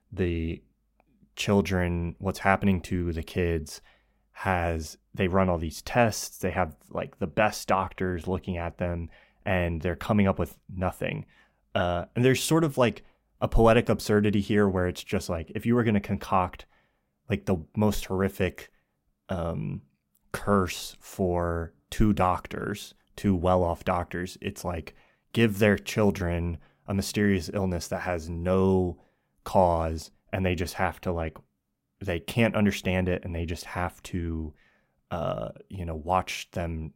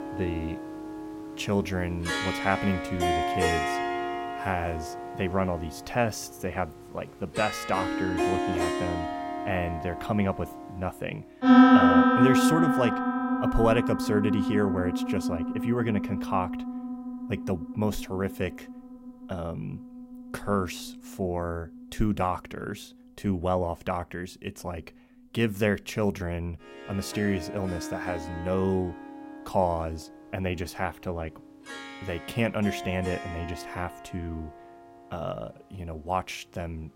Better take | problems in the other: first | background music; very loud; throughout; 3 dB above the speech

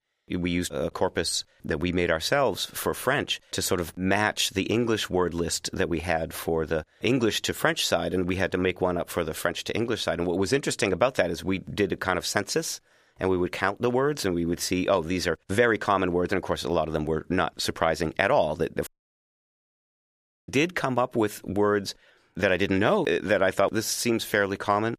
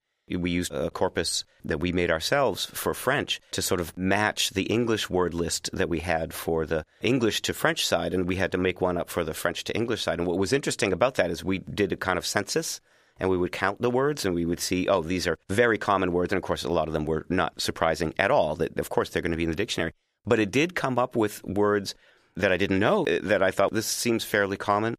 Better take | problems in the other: second | audio cutting out; at 19 s for 1.5 s

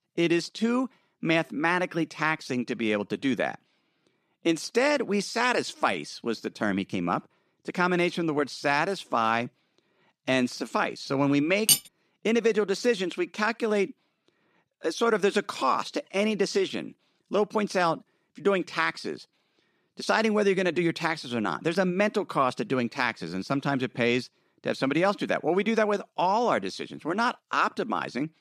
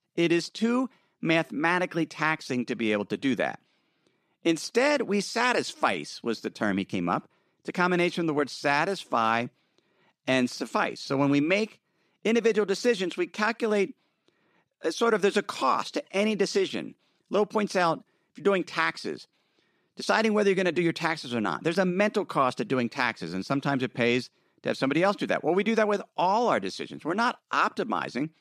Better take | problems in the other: second | clattering dishes; loud; at 12 s; peak 5 dB above the speech

